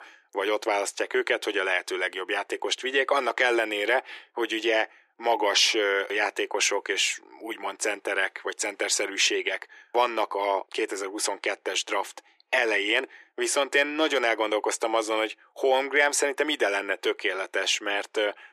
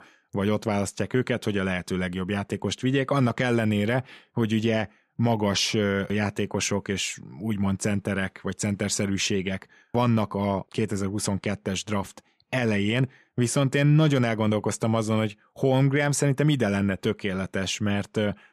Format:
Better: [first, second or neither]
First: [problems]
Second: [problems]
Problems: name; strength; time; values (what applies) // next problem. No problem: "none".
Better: second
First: thin; very; fading below 350 Hz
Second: none